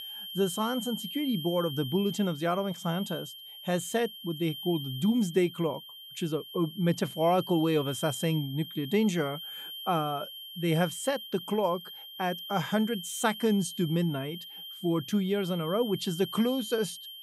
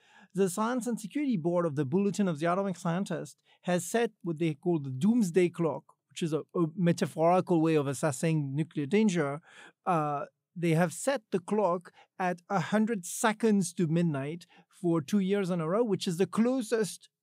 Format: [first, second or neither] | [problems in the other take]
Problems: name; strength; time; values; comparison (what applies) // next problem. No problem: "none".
second | high-pitched whine; loud; throughout; 3 kHz, 10 dB below the speech